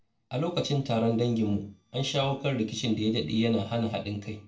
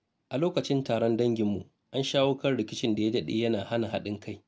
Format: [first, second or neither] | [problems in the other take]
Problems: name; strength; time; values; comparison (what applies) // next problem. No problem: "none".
second | noise reduction (neural separator model SepFormer DNS4)